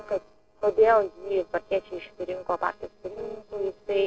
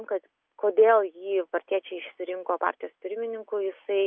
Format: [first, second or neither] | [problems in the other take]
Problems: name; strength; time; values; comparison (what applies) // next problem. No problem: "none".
second | noise reduction (neural separator model SepFormer DNS4)